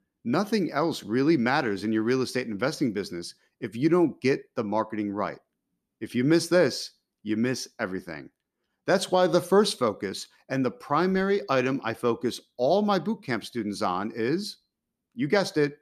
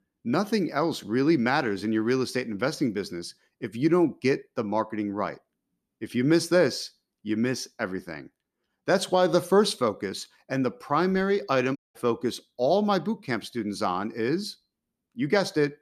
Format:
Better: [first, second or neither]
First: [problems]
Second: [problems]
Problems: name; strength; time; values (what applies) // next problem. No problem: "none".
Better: first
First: none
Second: audio cutting out; at 12 s